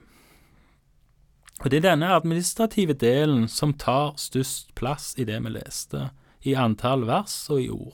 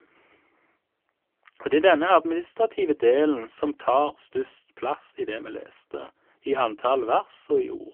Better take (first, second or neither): first